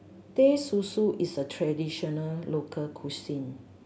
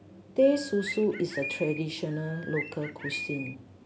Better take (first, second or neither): first